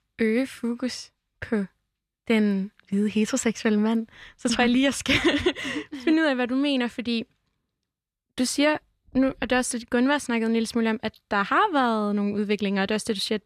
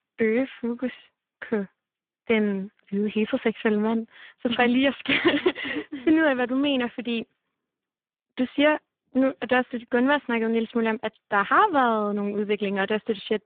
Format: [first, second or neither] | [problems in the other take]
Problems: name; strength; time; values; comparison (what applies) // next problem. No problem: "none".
first | phone-call audio; poor line